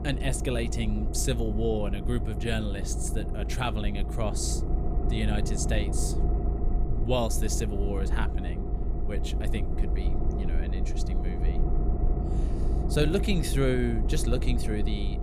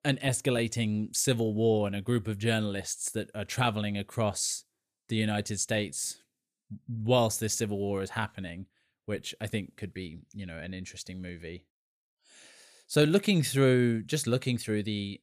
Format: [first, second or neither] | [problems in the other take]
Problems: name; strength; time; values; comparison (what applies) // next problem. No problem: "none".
second | low rumble; loud; throughout; 7 dB below the speech